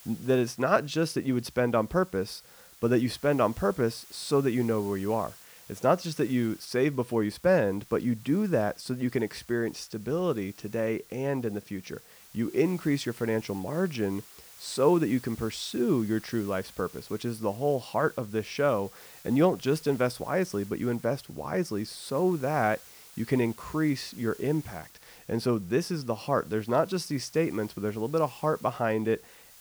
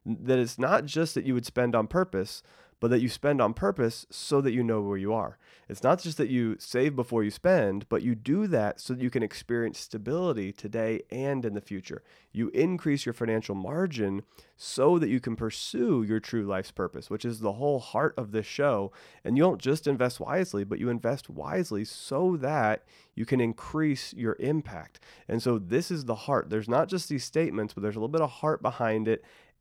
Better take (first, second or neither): second